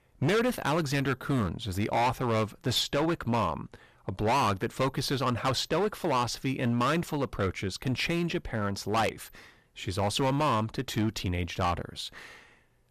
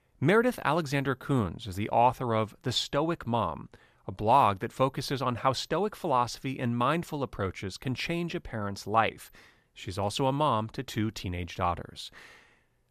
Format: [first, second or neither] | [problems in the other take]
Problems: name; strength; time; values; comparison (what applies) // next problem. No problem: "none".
second | distortion; heavy; 11% of the sound clipped